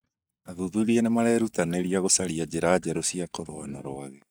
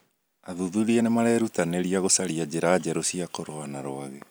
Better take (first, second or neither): second